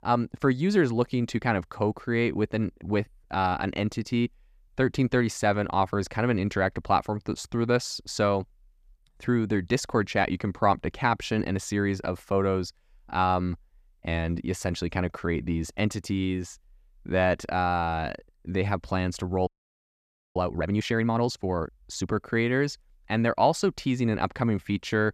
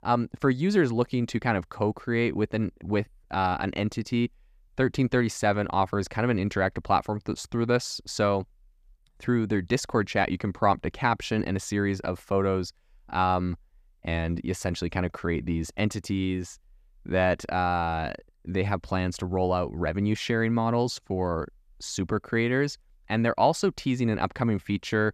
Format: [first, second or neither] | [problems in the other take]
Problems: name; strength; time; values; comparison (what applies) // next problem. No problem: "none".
second | audio freezing; at 19 s for 1 s